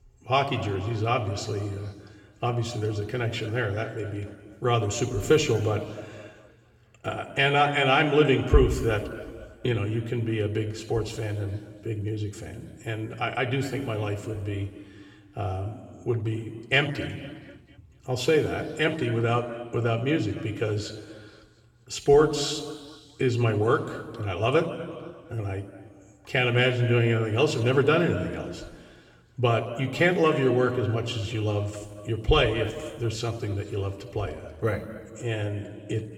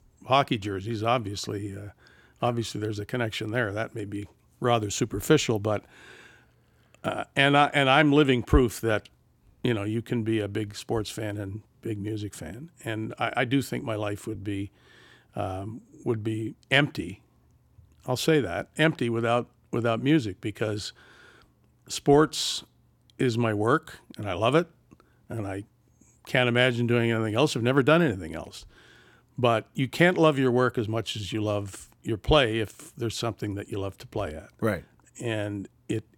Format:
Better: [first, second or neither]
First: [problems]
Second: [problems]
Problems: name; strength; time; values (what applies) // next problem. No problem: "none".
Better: second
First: room echo; noticeable; dies away in 1.8 s // off-mic speech; somewhat distant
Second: none